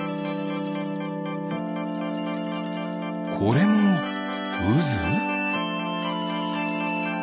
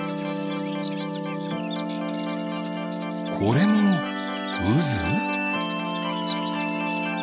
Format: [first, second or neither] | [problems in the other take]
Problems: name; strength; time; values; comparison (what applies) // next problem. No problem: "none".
first | background sound (Bird vocalization, bird call, bird song); 20 dB below the speech